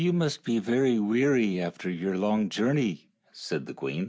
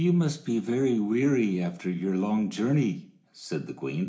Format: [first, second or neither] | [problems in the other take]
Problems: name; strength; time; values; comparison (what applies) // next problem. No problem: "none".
first | room echo; dies away in 0.4 s